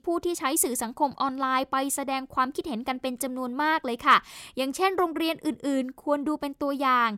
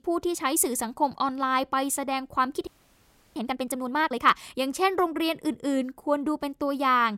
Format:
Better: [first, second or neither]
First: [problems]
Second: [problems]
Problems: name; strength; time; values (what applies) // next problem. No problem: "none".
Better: first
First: none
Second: audio freezing; at 2.5 s for 0.5 s